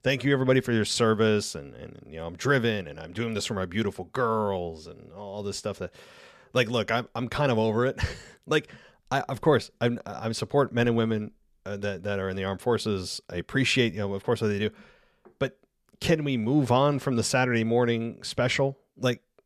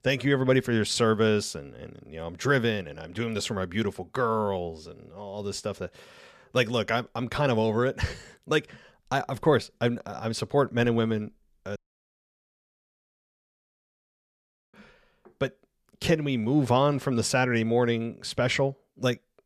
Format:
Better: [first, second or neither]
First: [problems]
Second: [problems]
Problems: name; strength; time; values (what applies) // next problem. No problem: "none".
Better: first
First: none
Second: audio cutting out; at 12 s for 3 s